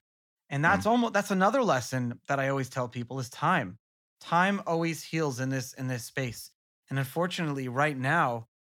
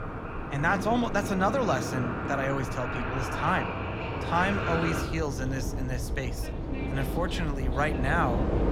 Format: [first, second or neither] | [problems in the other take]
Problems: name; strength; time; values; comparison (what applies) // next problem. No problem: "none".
first | train or aircraft noise; loud; throughout; 2 dB below the speech